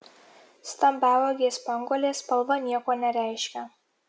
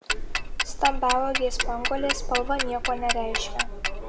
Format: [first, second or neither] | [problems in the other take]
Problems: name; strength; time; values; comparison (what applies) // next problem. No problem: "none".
first | background sound (Tick-tock); 1 dB above the speech